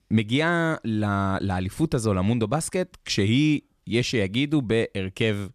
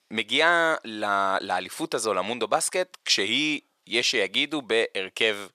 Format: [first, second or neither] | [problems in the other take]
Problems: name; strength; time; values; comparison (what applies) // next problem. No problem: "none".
first | thin; very; fading below 650 Hz